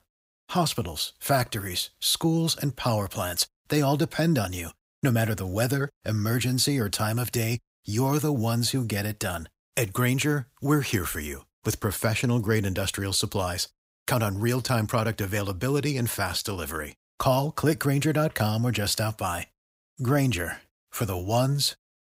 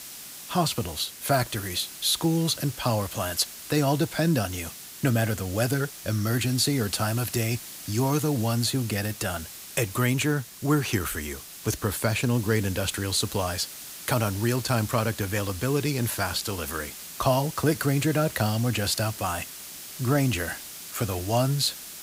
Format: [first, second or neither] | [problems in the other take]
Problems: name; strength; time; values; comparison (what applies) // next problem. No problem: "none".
first | hiss; noticeable; throughout; 10 dB below the speech